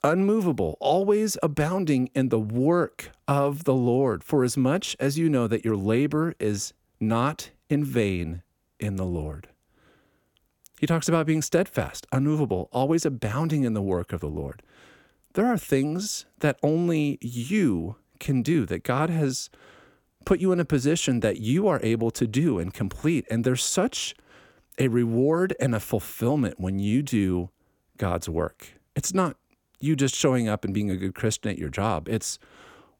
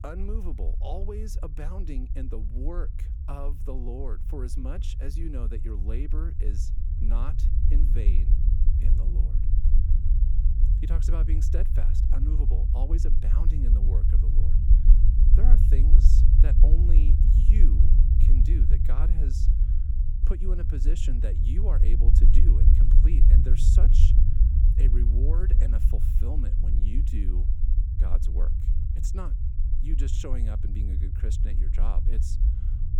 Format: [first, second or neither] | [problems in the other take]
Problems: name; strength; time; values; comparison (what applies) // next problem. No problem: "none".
first | low rumble; loud; throughout; 1 dB below the speech